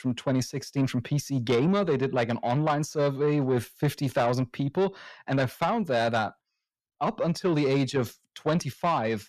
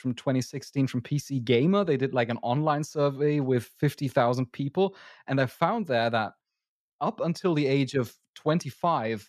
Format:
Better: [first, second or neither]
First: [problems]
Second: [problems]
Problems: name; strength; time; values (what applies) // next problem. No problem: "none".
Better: second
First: distortion; slight; 10 dB below the speech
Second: none